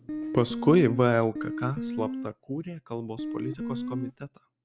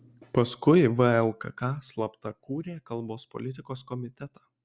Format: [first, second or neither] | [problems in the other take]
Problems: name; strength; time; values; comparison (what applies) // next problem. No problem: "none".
second | background sound (Guitar); 6 dB below the speech